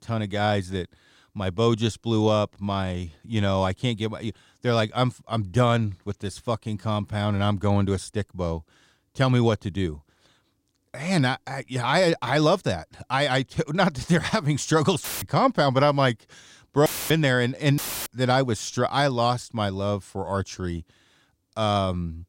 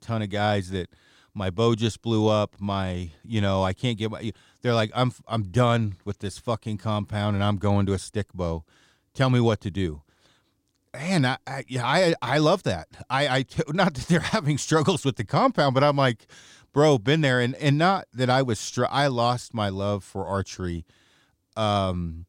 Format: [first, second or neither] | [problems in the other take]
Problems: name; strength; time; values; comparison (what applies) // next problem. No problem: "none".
second | audio cutting out; filled with static; at 15 s, at 17 s and at 18 s